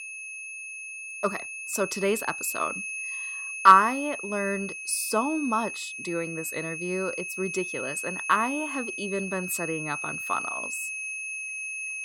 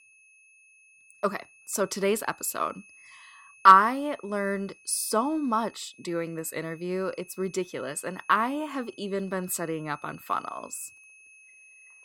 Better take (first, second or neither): second